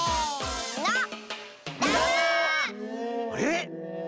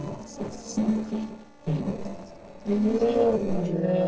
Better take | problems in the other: first | noise reduction (neural separator model SepFormer DNS4)

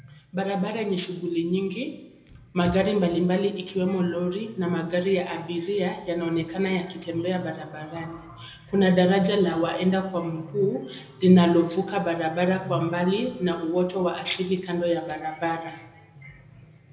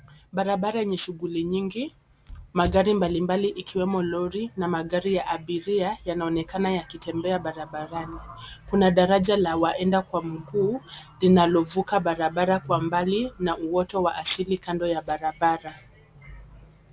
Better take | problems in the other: second | room echo; dies away in 0.7 s

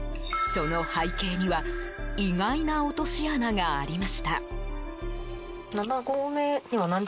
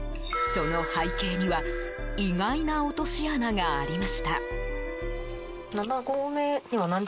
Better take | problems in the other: first | background sound (Wind instrument, woodwind instrument); 9 dB below the speech

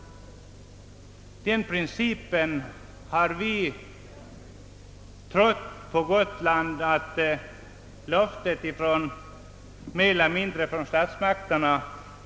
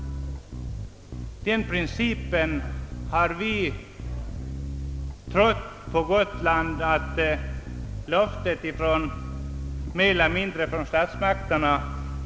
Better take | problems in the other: first | background sound (Bass guitar); 7 dB below the speech

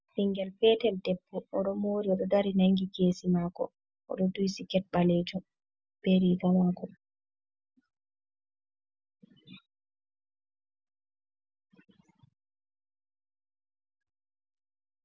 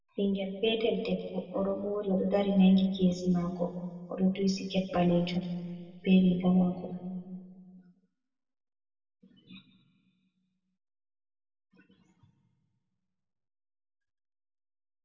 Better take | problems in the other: first | room echo; dies away in 1.6 s

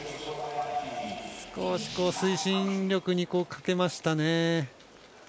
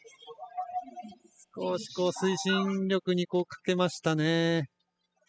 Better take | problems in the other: first | noise reduction (classical method spectral subtraction)

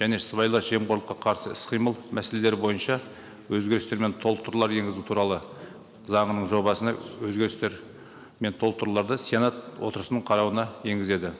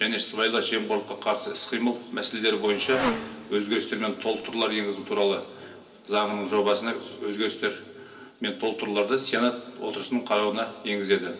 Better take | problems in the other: first | background sound (Motorcycle); 14 dB below the speech // room echo; dies away in 0.3 s

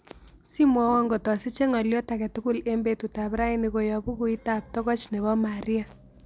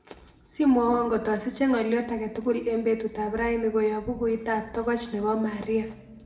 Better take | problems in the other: first | room echo; dies away in 0.8 s

